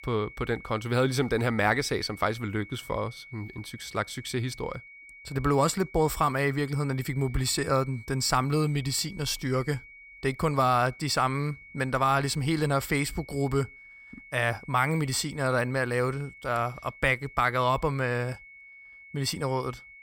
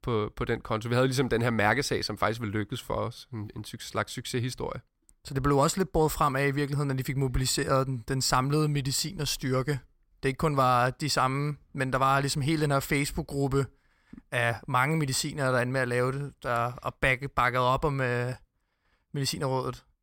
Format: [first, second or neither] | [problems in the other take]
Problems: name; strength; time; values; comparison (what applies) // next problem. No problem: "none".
second | high-pitched whine; noticeable; throughout; 2 kHz, 20 dB below the speech